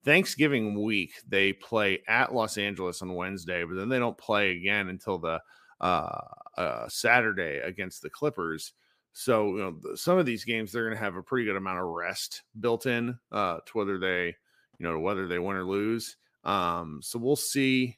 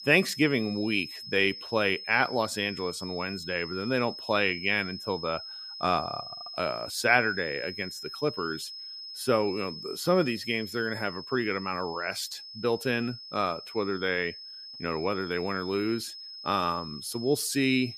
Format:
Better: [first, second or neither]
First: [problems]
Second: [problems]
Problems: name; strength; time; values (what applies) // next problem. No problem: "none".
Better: first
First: none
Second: high-pitched whine; noticeable; throughout; 5 kHz, 10 dB below the speech